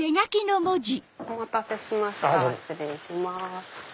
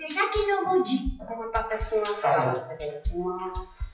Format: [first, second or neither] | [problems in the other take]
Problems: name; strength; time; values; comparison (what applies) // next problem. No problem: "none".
first | noise reduction (classical method WPE with log-MMSE)